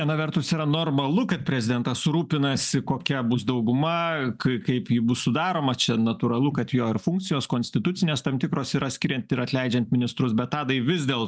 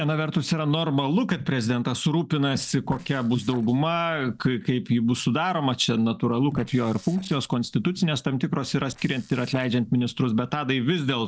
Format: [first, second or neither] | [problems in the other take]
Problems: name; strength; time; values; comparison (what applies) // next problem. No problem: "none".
first | noise reduction (neural separator model SepFormer DNS4)